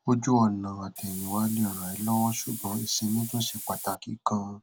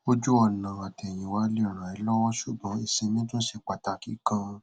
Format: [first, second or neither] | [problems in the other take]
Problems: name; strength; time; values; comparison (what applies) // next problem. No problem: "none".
second | background sound (Hiss); 10 dB below the speech